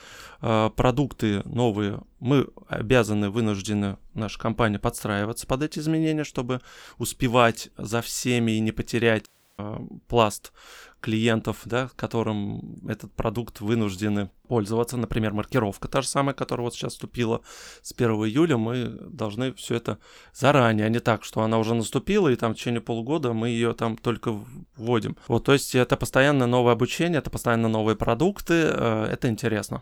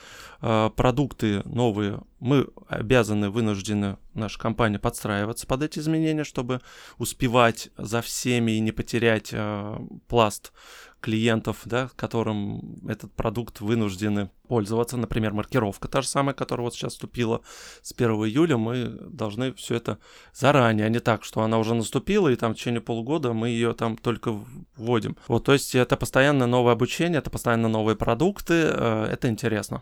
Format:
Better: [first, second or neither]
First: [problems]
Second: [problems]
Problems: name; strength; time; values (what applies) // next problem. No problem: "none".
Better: second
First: audio cutting out; at 9.5 s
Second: none